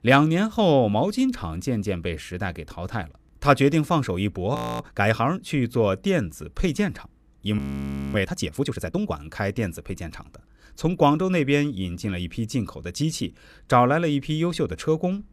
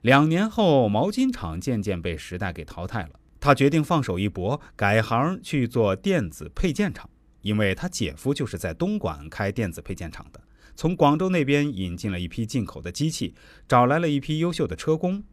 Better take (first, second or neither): second